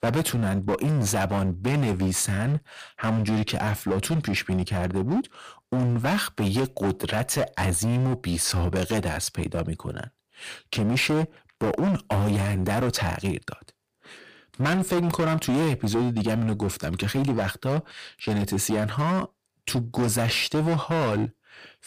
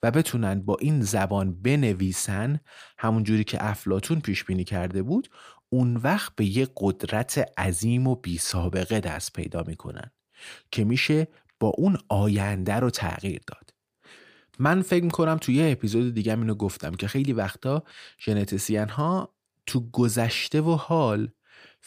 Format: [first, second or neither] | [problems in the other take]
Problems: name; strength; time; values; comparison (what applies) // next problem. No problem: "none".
second | distortion; heavy; 19% of the sound clipped